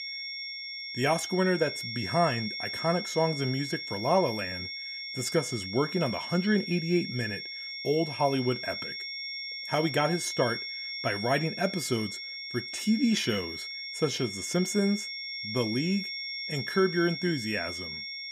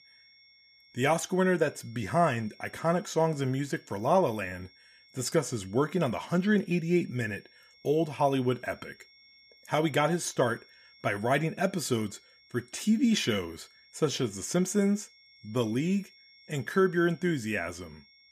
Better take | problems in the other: second | high-pitched whine; loud; throughout; 5.5 kHz, 5 dB below the speech; faint in the second

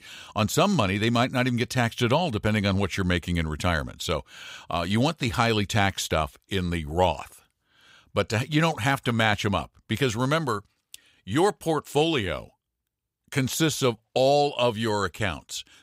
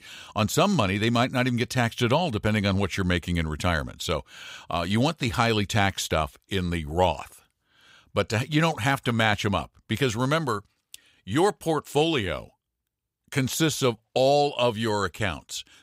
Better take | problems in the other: neither | none

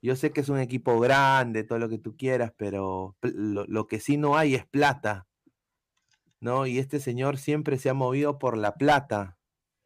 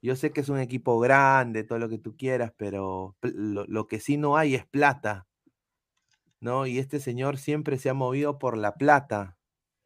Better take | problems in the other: second | distortion; slight; 1.7% of the sound clipped

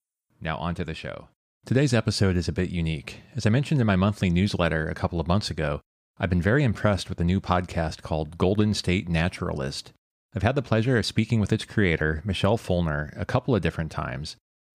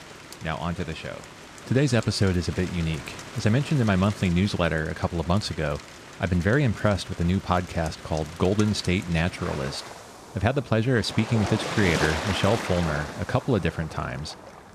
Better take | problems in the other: first | rain or running water; noticeable; throughout; 10 dB below the speech

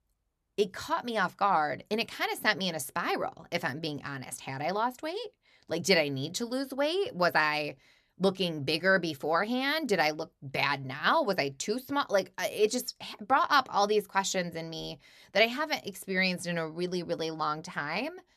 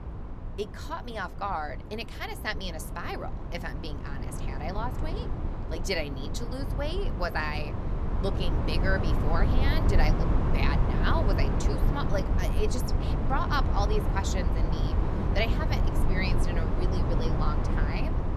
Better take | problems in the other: first | low rumble; loud; throughout; 3 dB below the speech

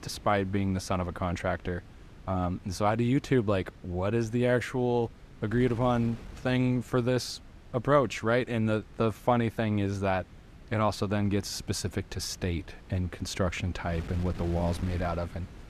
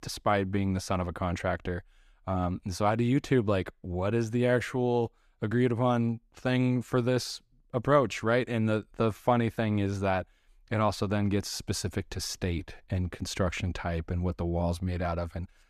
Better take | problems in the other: second | wind noise on the microphone; occasional gusts; 20 dB below the speech

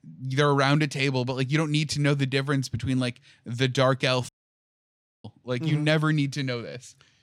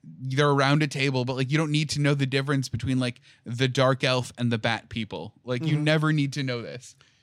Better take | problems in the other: second | audio cutting out; at 4.5 s for 1 s

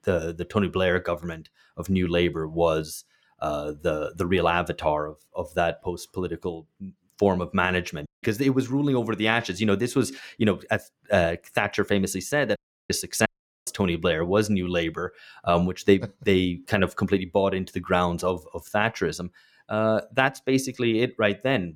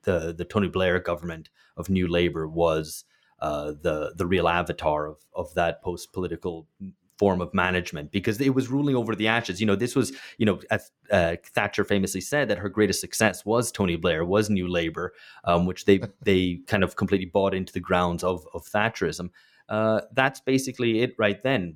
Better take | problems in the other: second | audio cutting out; at 8 s and at 13 s

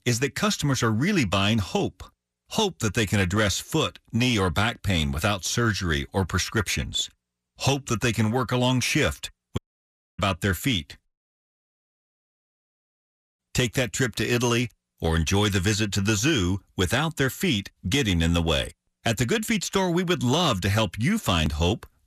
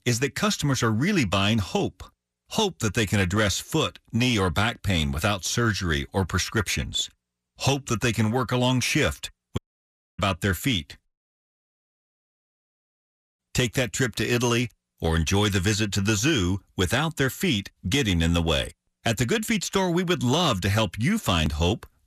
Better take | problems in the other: neither | audio cutting out; at 9.5 s for 0.5 s and at 11 s for 2.5 s; the same in both

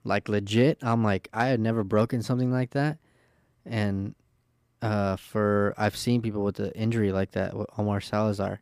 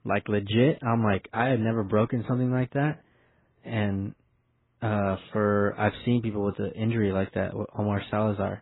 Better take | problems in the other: first | garbled, watery; badly; nothing above 4 kHz

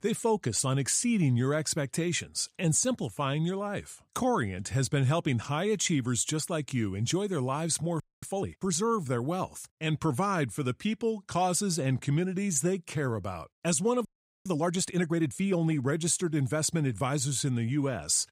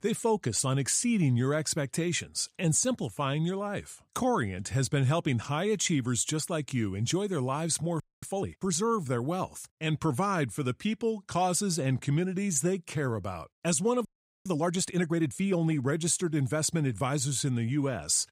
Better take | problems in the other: neither | audio freezing; at 8 s and at 14 s; the same in both

